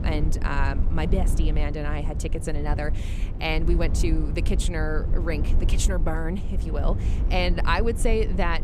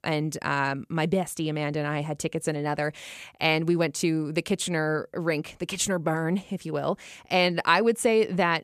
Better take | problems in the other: second | low rumble; noticeable; throughout; 10 dB below the speech

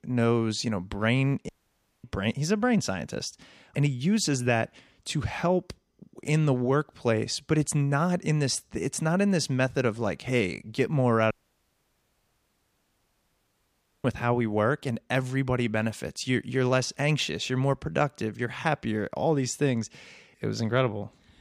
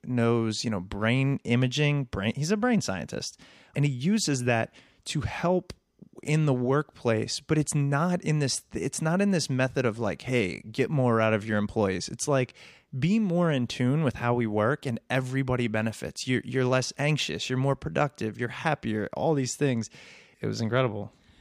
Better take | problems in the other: second | audio cutting out; at 1.5 s for 0.5 s and at 11 s for 2.5 s

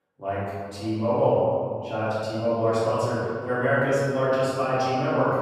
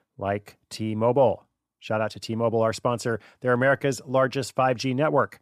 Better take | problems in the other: second | off-mic speech; far // room echo; strong; dies away in 2 s

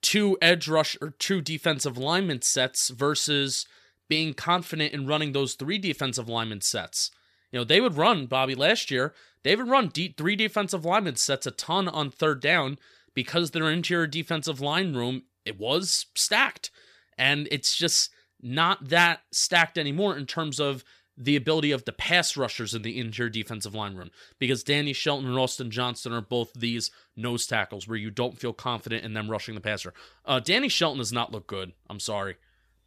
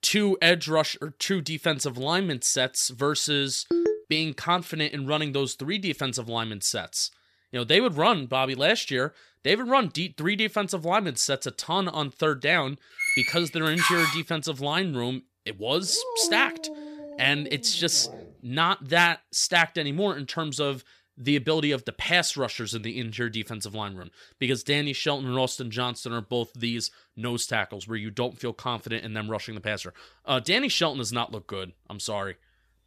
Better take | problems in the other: first | phone ringing; loud; at 3.5 s; peak level with the speech // door banging; loud; from 13 to 14 s; peak 3 dB above the speech // dog barking; noticeable; from 16 to 18 s; peak 5 dB below the speech

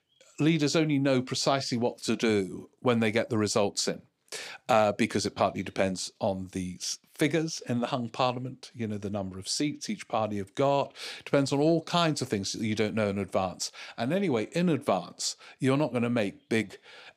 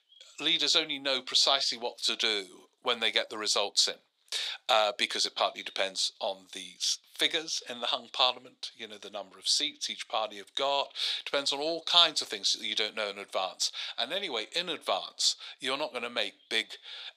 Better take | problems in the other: first | thin; very; fading below 700 Hz

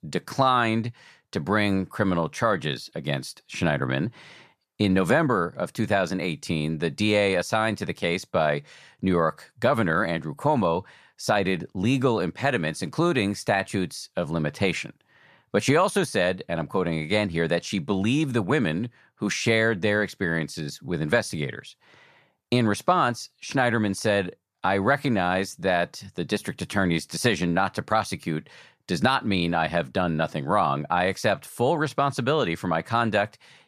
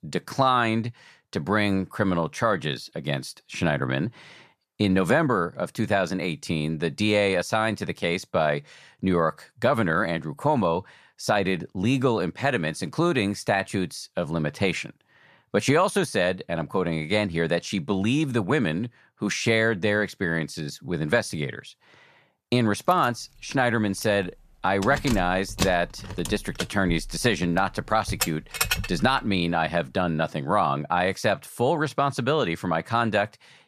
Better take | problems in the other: first | jangling keys; loud; from 24 to 29 s; peak level with the speech

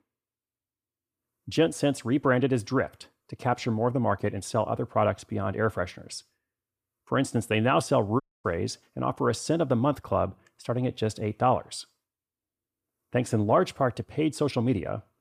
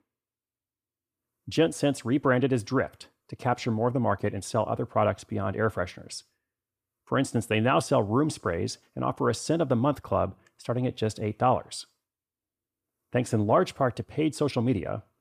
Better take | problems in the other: second | audio cutting out; at 8 s

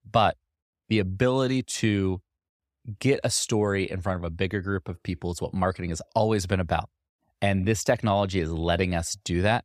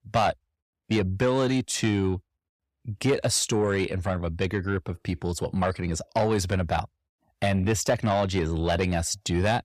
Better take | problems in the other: first | distortion; slight; 10 dB below the speech

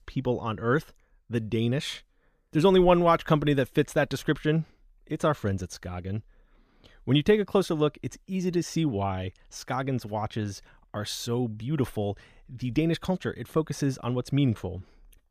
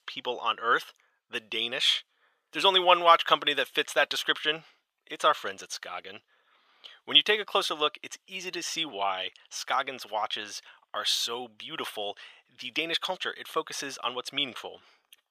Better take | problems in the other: first | thin; very; fading below 800 Hz

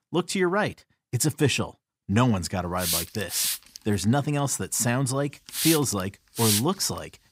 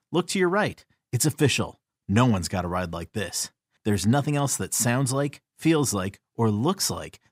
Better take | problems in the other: second | hiss; loud; from 2 s on; 1 dB below the speech

